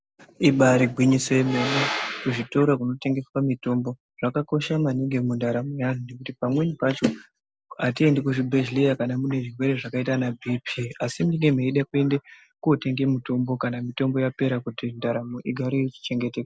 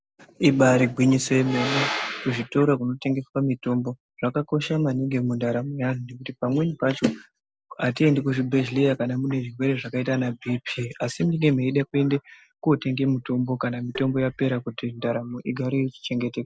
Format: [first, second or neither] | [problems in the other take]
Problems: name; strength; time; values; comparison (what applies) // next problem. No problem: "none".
first | background sound (Tap); 17 dB below the speech